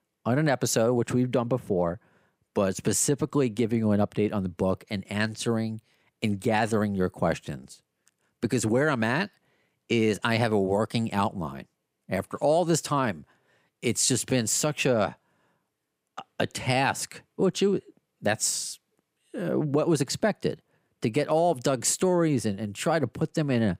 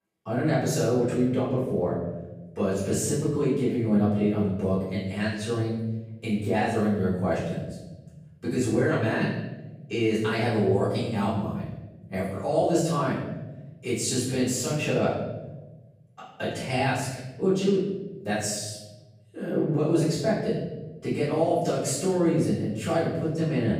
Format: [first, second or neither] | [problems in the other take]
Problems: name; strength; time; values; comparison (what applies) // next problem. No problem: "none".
first | off-mic speech; far // room echo; noticeable; dies away in 1.3 s